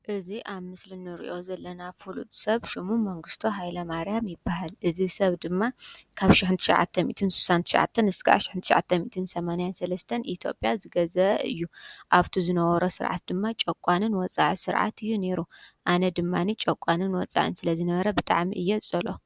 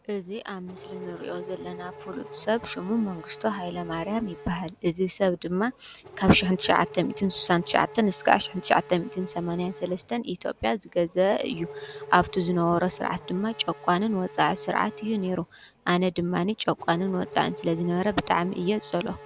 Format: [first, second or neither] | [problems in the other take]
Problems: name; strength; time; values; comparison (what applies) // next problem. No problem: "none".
first | background sound (Race car, auto racing / Accelerating, revving, vroom); 17 dB below the speech